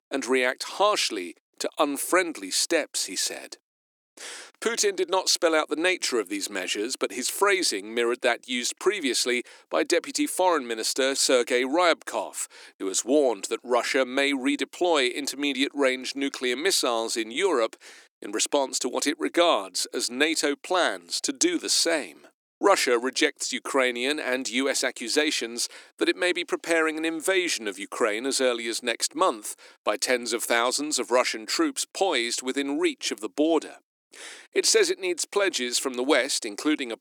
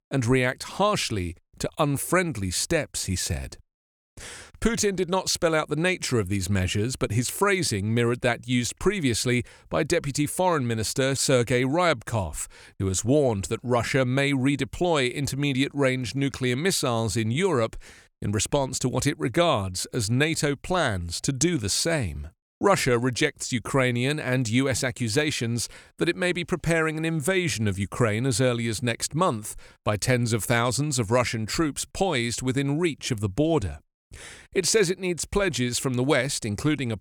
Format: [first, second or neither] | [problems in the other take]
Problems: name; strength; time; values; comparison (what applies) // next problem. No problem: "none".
second | thin; somewhat; fading below 300 Hz